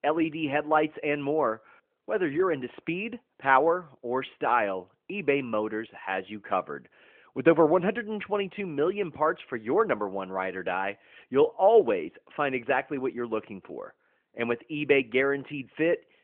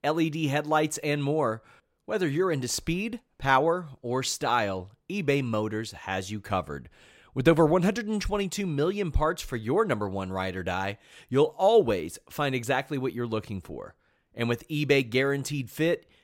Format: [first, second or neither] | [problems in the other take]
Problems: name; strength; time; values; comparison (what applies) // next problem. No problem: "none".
second | phone-call audio